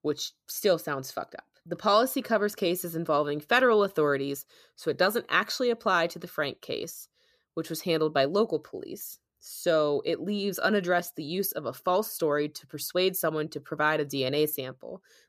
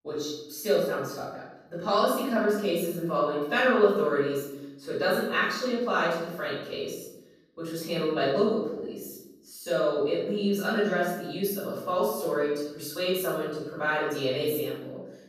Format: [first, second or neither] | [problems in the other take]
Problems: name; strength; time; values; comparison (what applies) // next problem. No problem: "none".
first | off-mic speech; far // room echo; noticeable; dies away in 0.8 s